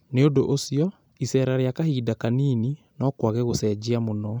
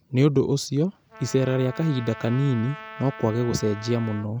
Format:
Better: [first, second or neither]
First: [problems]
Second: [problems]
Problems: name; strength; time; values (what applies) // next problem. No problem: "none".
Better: first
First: none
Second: background sound (Trumpet); 17 dB below the speech